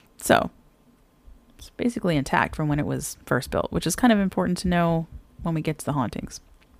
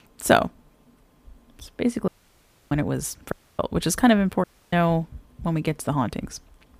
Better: first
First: none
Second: audio cutting out; at 2 s for 0.5 s, at 3.5 s and at 4.5 s

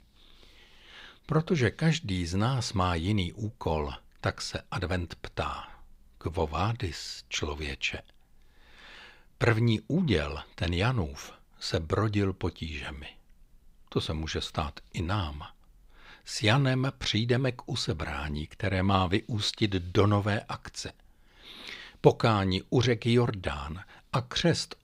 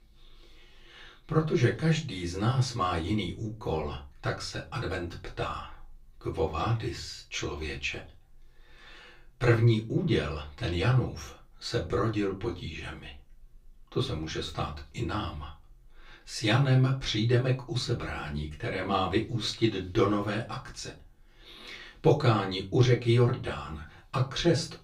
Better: first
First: none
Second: off-mic speech; far // room echo; very slight; dies away in 0.2 s

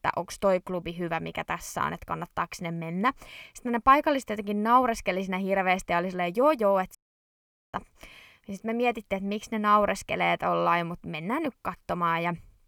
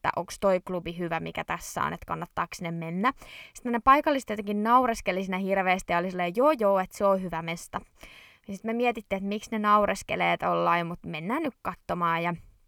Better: second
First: audio cutting out; at 7 s for 1 s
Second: none

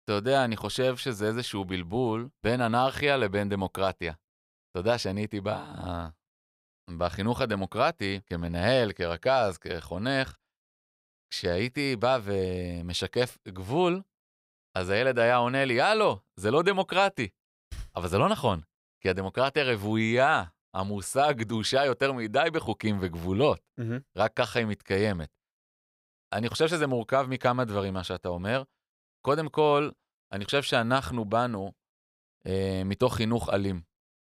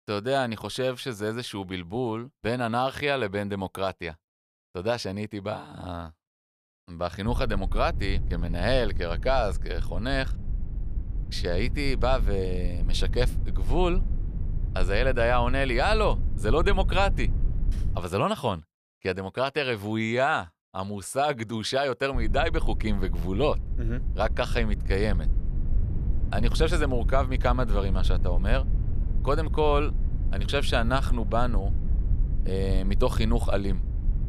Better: first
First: none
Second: low rumble; noticeable; from 7.5 to 18 s and from 22 s on; 20 dB below the speech

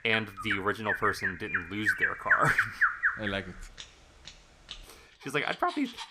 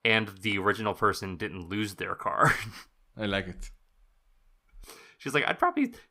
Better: second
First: animal sounds; very loud; throughout; 2 dB above the speech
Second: none

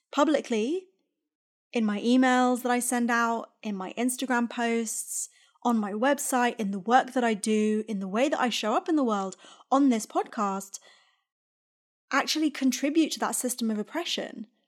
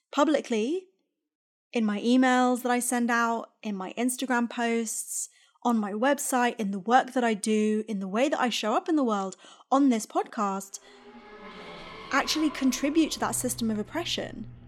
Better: first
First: none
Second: traffic noise; noticeable; from 11 s on; 20 dB below the speech

